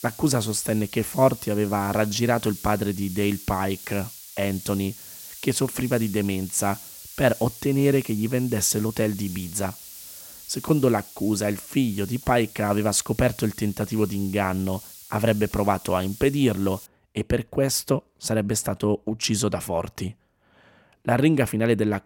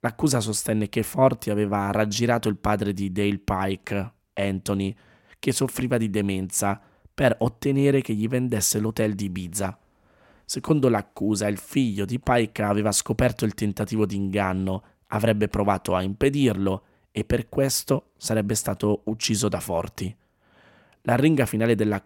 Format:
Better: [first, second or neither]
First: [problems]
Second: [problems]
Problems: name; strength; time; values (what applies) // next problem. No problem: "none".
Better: second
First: hiss; noticeable; until 17 s; 15 dB below the speech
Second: none